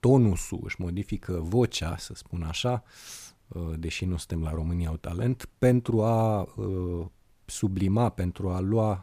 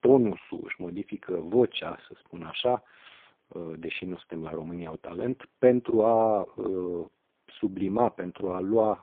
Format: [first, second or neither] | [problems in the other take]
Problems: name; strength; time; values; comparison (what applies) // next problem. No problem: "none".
first | phone-call audio; poor line; nothing above 3.5 kHz